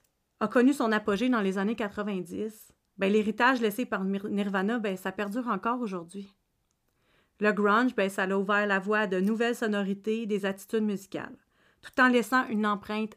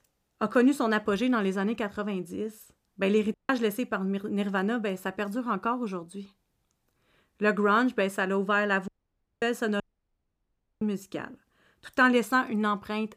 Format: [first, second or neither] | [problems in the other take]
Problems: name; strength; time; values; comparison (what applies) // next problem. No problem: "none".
first | audio cutting out; at 3.5 s, at 9 s for 0.5 s and at 10 s for 1 s